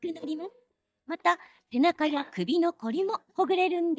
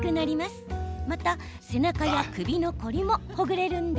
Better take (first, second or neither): second